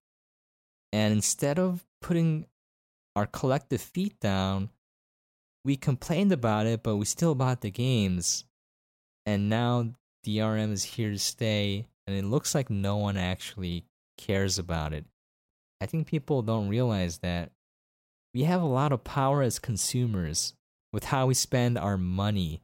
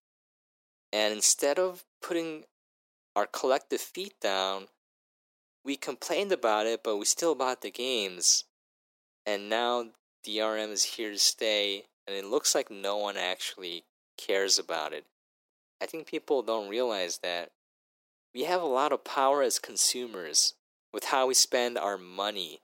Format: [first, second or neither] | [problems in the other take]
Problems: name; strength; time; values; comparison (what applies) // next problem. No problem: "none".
first | thin; very; fading below 350 Hz